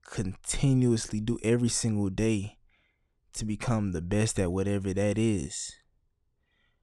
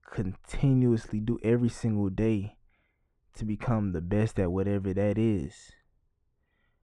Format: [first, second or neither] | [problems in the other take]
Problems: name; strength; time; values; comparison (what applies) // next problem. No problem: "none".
first | muffled; very; fading above 3.5 kHz